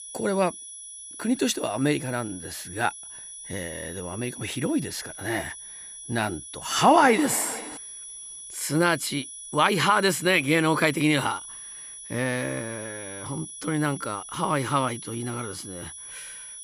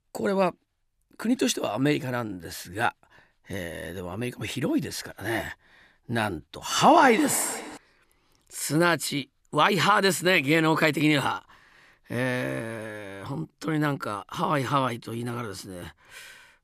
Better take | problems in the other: second | high-pitched whine; noticeable; throughout; 10 kHz, 10 dB below the speech

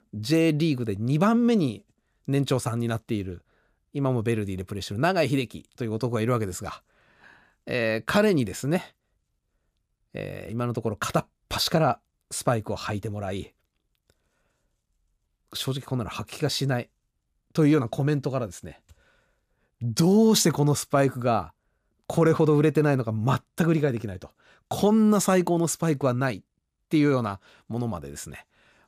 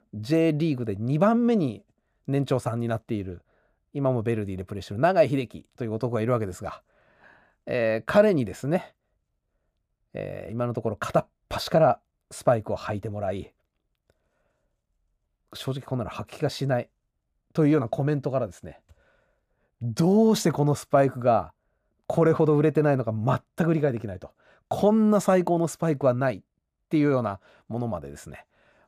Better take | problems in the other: first | muffled; slightly; fading above 2.5 kHz

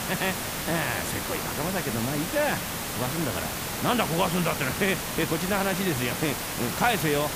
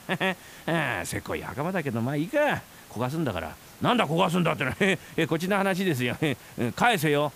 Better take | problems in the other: second | hiss; loud; throughout; 2 dB below the speech; faint in the second

